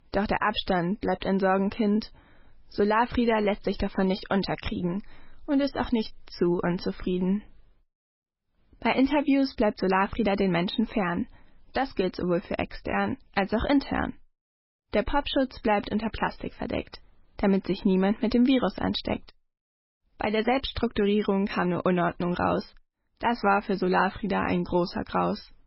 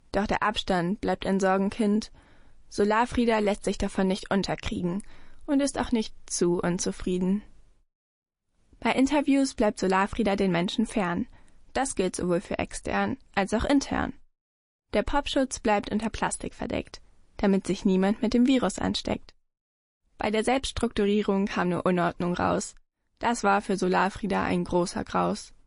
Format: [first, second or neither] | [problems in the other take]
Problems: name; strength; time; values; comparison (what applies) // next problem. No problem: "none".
second | garbled, watery; badly; nothing above 5.5 kHz; slightly in the second